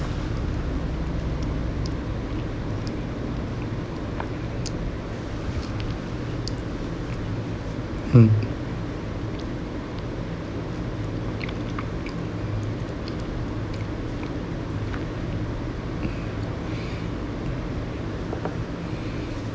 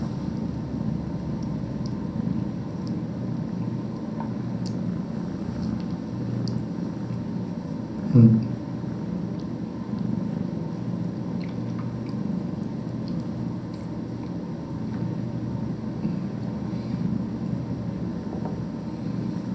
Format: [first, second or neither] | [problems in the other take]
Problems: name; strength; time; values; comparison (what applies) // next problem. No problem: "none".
first | background sound (Purr); 5 dB below the speech // room echo; dies away in 0.6 s